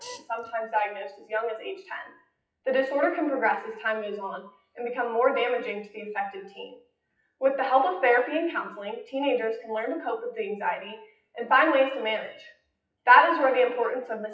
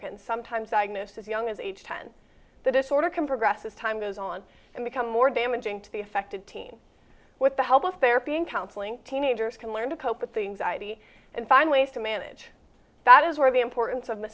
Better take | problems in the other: second | noise reduction (classical method WPE with log-MMSE)

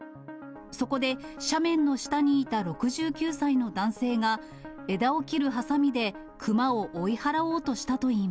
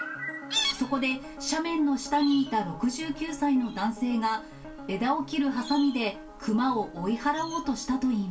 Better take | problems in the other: first | background sound (Chirp, tweet); 12 dB below the speech // room echo; dies away in 0.2 s

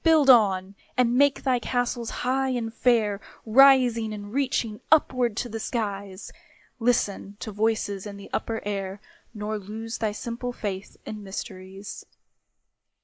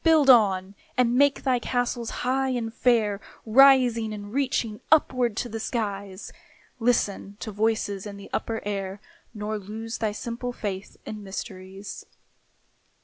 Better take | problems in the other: second | noise reduction (neural mask model Resemble Enhance denoiser)

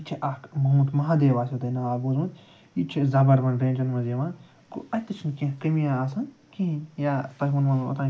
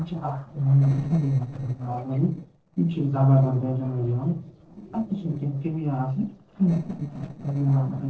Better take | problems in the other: first | noise reduction (neural separator model SepFormer DNS4)

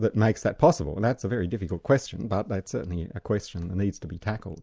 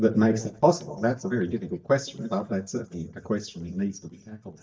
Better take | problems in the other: first | noise reduction (neural mask model DeepFilterNet 3)

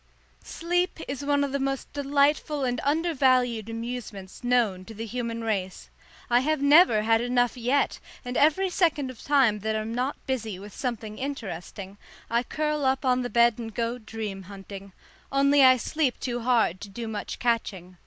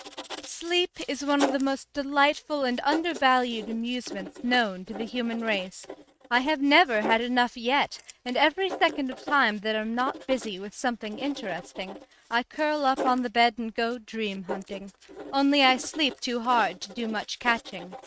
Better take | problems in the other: first | noise reduction (neural mask model RNNoise)

